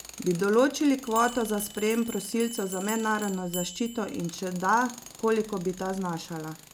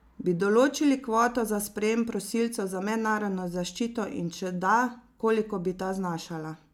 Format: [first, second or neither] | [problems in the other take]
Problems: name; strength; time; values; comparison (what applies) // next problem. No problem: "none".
second | background sound (Tools + Bell); 15 dB below the speech